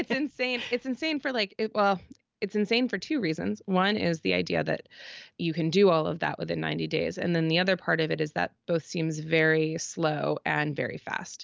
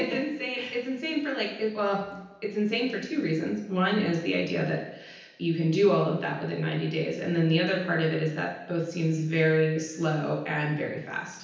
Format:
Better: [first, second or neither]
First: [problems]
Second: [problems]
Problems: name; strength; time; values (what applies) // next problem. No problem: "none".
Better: first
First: none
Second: room echo; dies away in 0.9 s